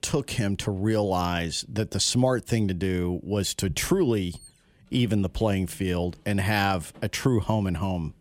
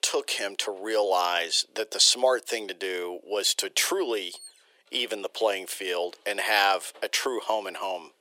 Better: first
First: none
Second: thin; very; fading below 400 Hz

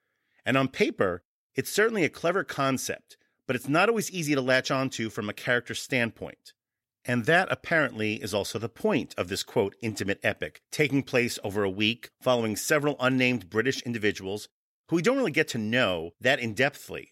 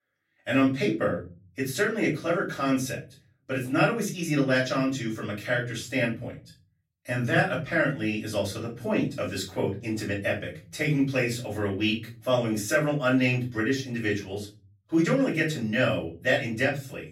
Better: first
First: none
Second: off-mic speech; far // room echo; slight; dies away in 0.5 s

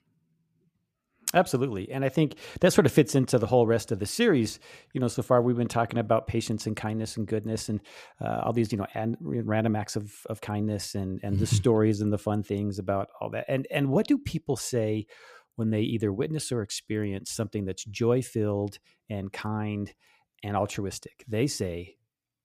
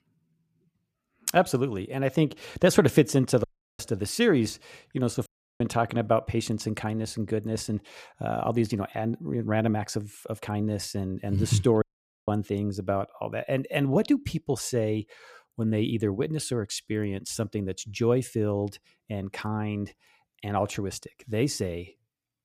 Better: first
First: none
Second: audio cutting out; at 3.5 s, at 5.5 s and at 12 s

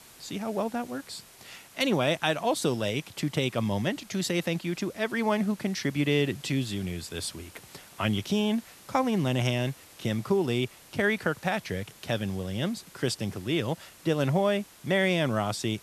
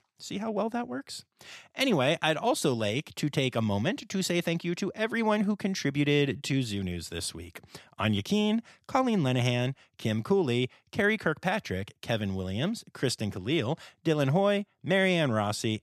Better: second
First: hiss; faint; throughout; 20 dB below the speech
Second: none

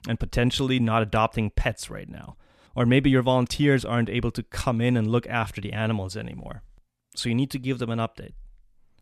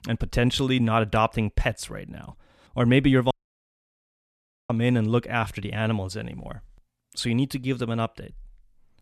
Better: first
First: none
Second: audio cutting out; at 3.5 s for 1.5 s

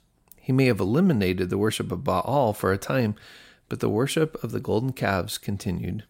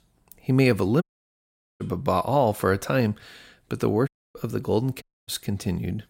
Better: first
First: none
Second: audio cutting out; at 1 s for 1 s, at 4 s and at 5 s

